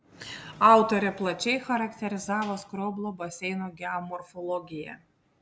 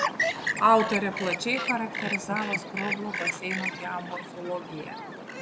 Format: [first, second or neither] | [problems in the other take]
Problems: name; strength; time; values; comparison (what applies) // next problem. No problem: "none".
first | background sound (Chirp, tweet); 3 dB below the speech